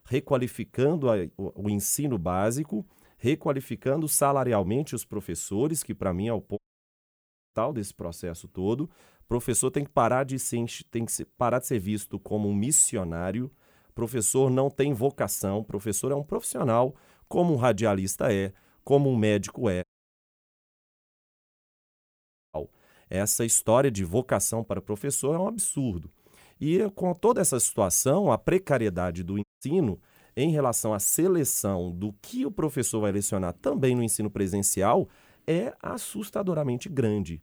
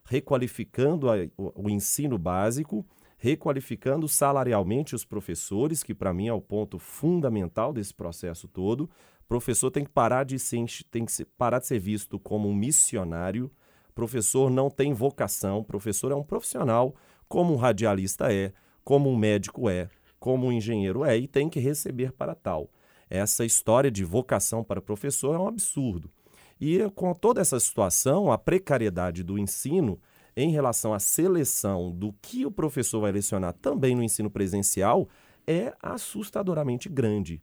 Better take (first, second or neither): second